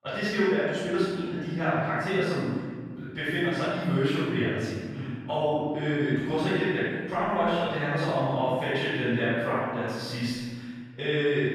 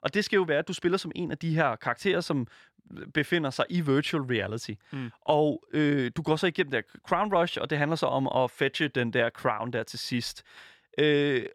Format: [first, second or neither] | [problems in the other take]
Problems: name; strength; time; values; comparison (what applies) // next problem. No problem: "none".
second | off-mic speech; far // room echo; strong; dies away in 1.8 s